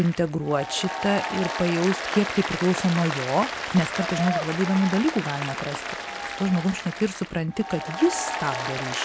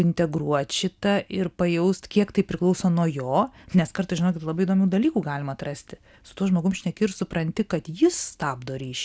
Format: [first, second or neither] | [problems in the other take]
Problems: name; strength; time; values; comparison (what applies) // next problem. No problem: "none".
second | background sound (Applause); 6 dB below the speech